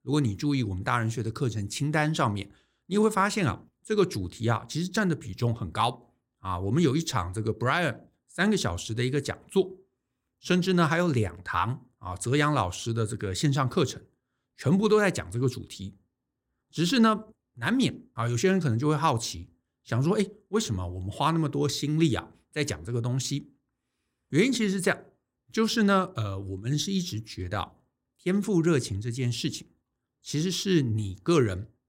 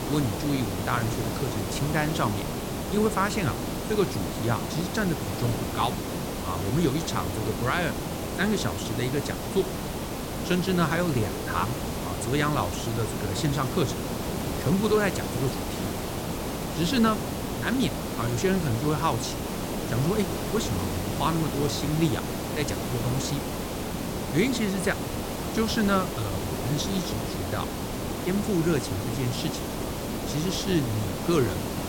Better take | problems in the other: first | hiss; loud; throughout; 3 dB below the speech

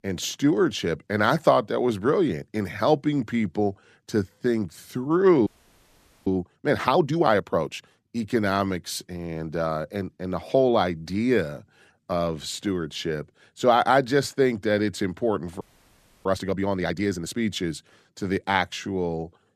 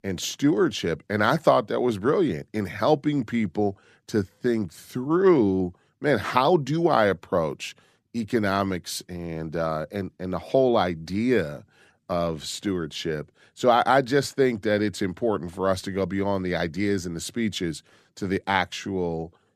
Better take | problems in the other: second | audio freezing; at 5.5 s for 1 s and at 16 s for 0.5 s

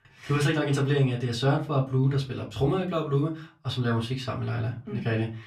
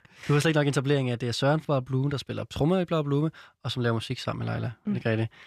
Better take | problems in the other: second | off-mic speech; far // room echo; very slight; dies away in 0.2 s

